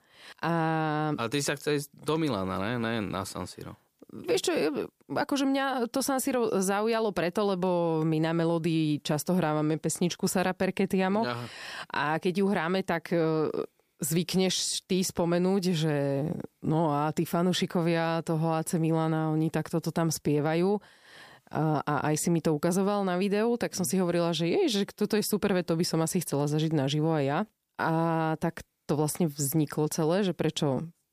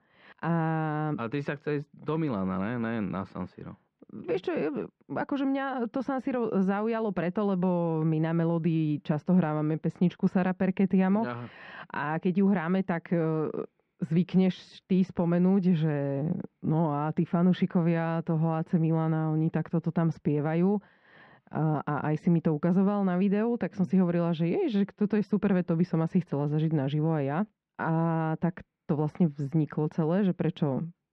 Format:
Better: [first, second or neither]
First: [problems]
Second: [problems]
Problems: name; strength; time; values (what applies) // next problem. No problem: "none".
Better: first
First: none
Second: muffled; very; fading above 2.5 kHz